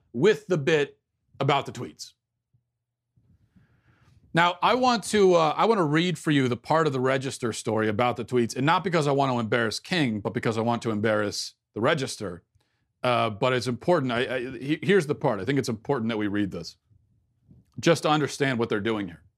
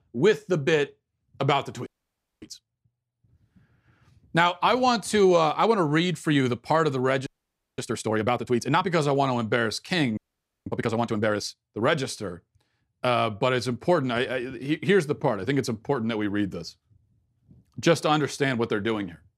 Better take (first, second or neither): first